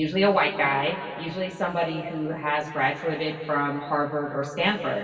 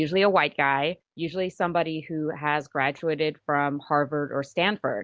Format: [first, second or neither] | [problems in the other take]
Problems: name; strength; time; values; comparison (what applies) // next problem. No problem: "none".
second | room echo; dies away in 2.6 s